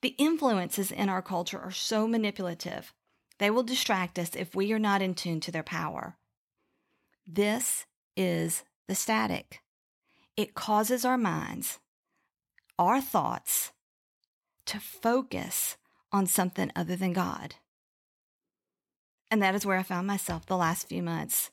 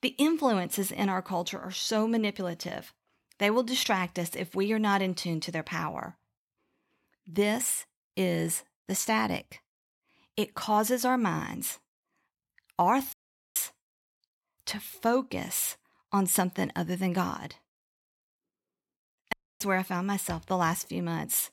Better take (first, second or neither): first